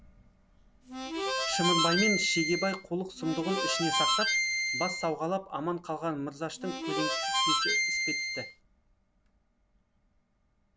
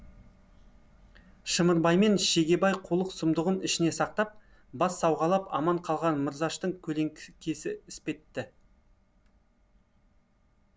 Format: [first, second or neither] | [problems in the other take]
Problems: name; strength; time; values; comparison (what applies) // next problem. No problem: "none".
second | background sound (Harmonica); 4 dB above the speech